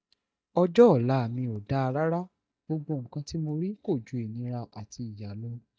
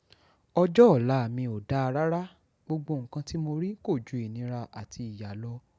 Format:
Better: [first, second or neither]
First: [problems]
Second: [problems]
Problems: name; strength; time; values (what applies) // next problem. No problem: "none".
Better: second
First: noise reduction (neural mask model DeepFilterNet 3)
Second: none